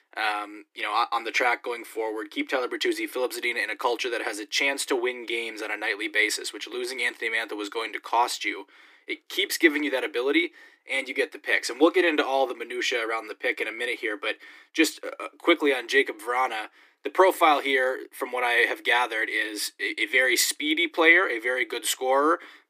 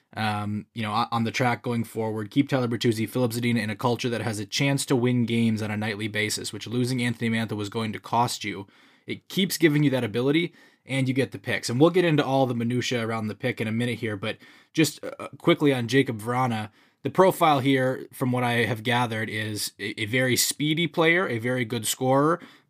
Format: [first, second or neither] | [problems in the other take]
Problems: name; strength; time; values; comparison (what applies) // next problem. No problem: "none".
second | thin; very; fading below 300 Hz